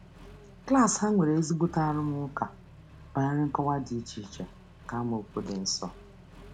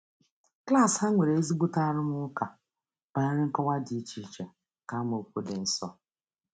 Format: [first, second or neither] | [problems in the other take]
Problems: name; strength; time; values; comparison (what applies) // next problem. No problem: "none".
second | background sound (Accelerating, revving, vroom); 19 dB below the speech